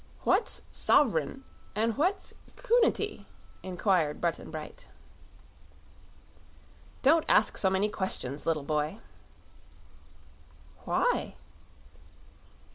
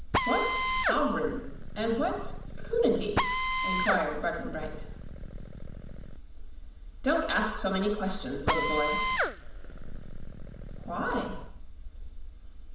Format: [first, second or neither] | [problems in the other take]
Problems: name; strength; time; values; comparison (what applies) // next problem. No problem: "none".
first | background sound (Drill); 2 dB below the speech // room echo; dies away in 0.8 s